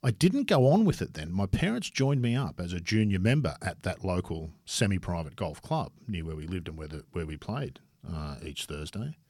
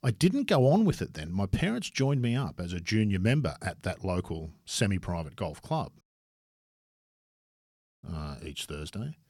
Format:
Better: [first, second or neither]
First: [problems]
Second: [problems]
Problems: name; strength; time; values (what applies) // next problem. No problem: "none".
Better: first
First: none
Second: audio cutting out; at 6 s for 2 s